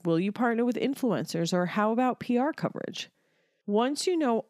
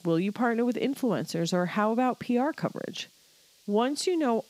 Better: first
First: none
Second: hiss; faint; throughout; 30 dB below the speech

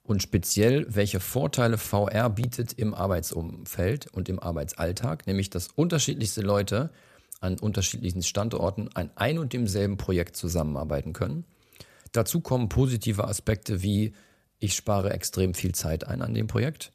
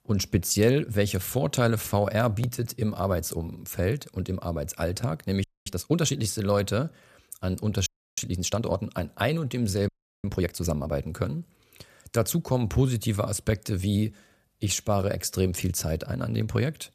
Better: first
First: none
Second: audio freezing; at 5.5 s, at 8 s and at 10 s

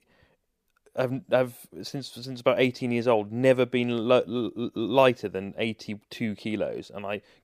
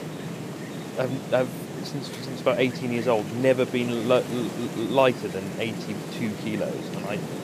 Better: first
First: none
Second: wind noise on the microphone; occasional gusts; 10 dB below the speech

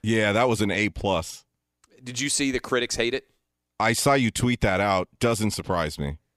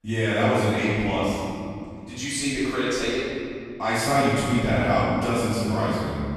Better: first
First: none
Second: off-mic speech; far // room echo; strong; dies away in 2.4 s

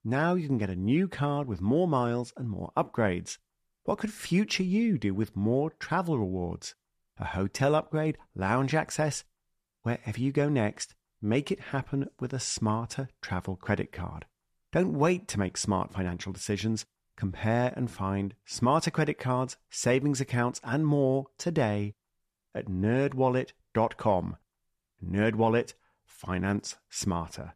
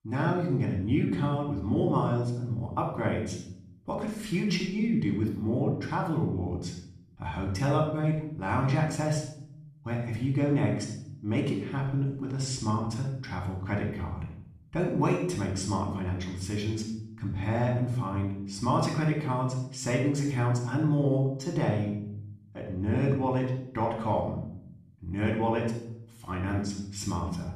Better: first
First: none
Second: off-mic speech; somewhat distant // room echo; noticeable; dies away in 0.7 s

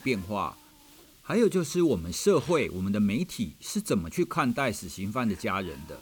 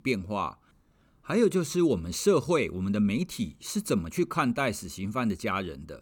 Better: second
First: hiss; faint; throughout; 25 dB below the speech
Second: none

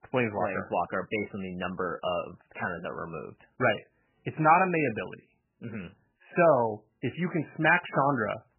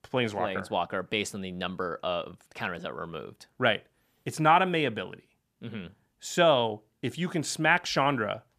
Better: second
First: garbled, watery; badly; nothing above 3 kHz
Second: none

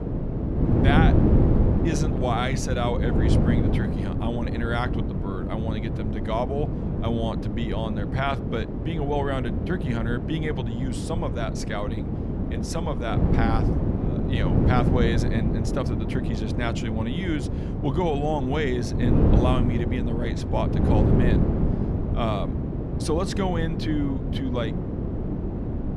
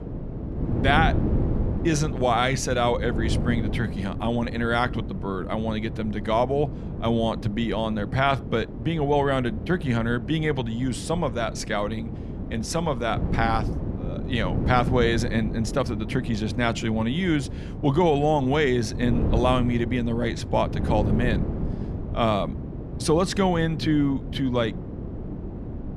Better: second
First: wind noise on the microphone; heavy; 2 dB below the speech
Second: wind noise on the microphone; occasional gusts; 10 dB below the speech

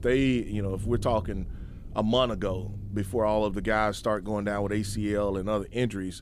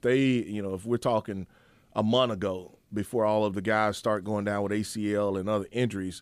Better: second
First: low rumble; faint; throughout; 25 dB below the speech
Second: none

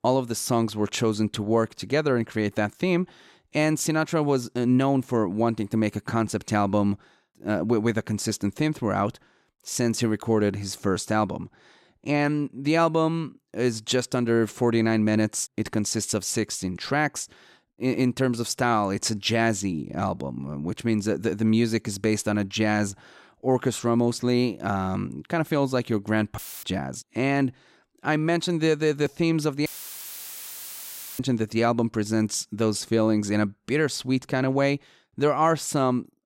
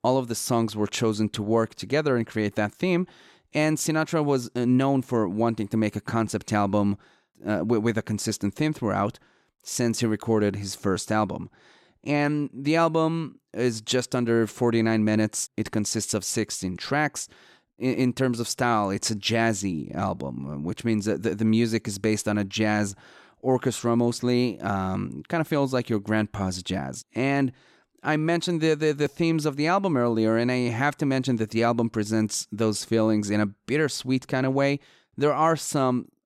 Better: second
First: audio cutting out; filled with static; at 26 s and at 30 s for 1.5 s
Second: none

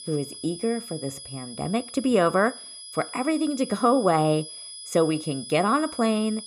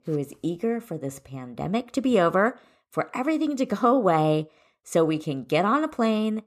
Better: second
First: high-pitched whine; noticeable; throughout; 5 kHz, 15 dB below the speech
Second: none

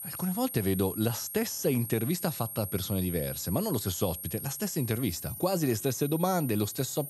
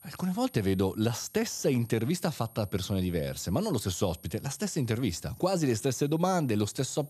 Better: second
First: high-pitched whine; loud; throughout; 11.5 kHz, 7 dB below the speech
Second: high-pitched whine; faint; throughout; 11.5 kHz, 25 dB below the speech

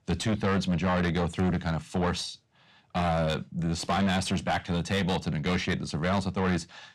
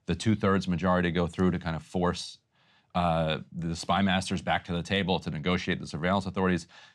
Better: second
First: distortion; heavy; 8 dB below the speech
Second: none

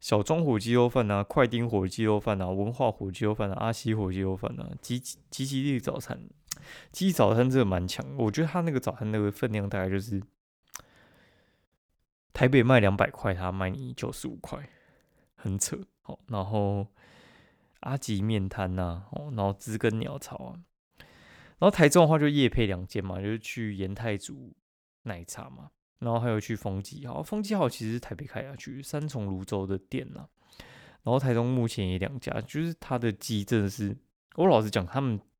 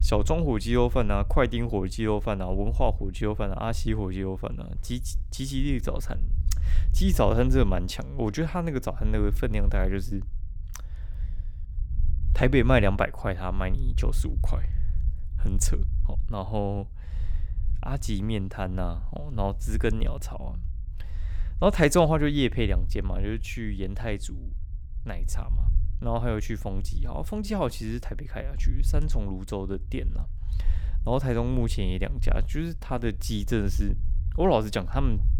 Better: first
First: none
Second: low rumble; faint; throughout; 25 dB below the speech

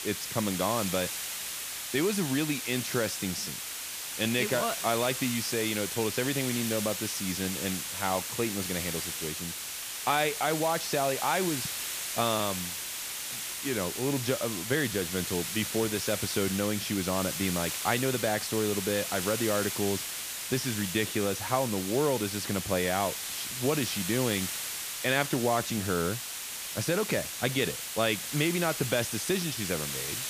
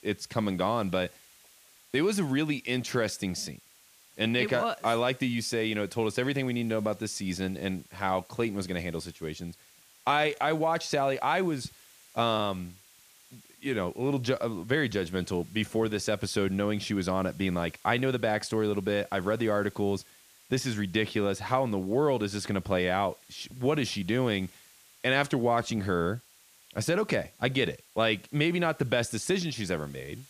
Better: second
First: hiss; loud; throughout; 3 dB below the speech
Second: hiss; faint; throughout; 25 dB below the speech

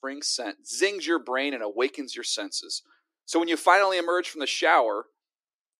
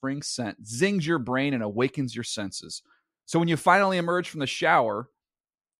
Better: second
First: thin; somewhat; fading below 300 Hz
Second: none

